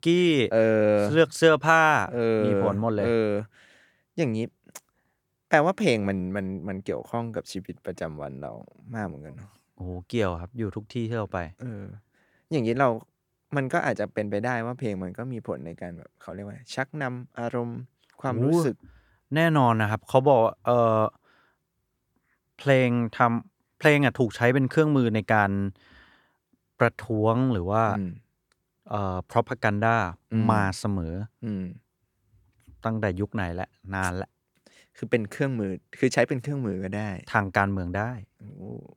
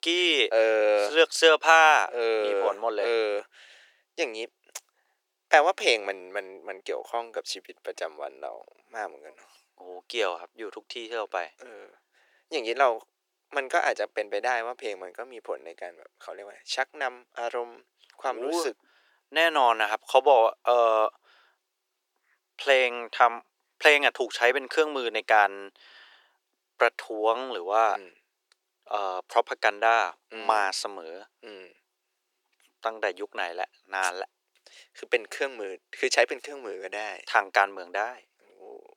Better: first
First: none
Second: thin; very; fading below 400 Hz

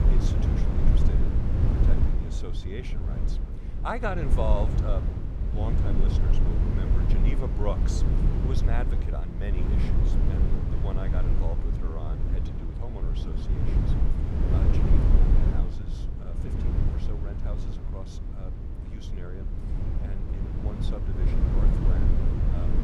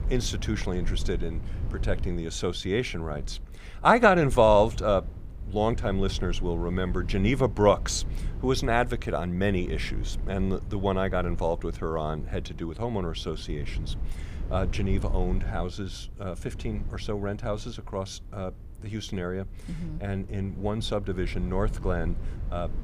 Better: second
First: low rumble; loud; throughout; as loud as the speech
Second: low rumble; faint; throughout; 20 dB below the speech

